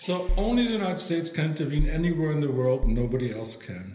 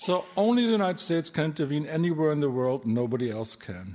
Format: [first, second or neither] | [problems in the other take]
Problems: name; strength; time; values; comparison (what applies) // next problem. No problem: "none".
second | background sound (Bass drum); 3 dB below the speech // room echo; dies away in 1.4 s